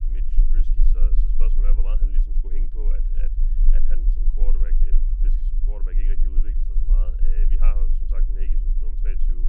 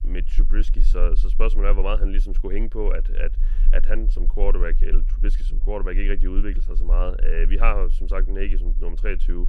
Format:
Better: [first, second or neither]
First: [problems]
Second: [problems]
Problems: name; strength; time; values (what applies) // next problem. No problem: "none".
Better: second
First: low rumble; loud; throughout; 4 dB below the speech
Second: low rumble; faint; throughout; 20 dB below the speech